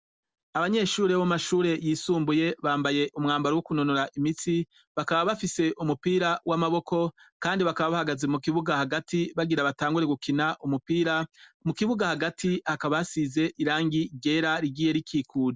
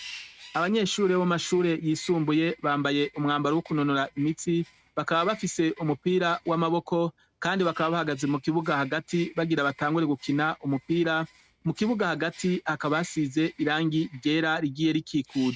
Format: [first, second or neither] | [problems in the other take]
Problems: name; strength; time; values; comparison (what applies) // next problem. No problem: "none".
first | noise reduction (neural mask model RNNoise)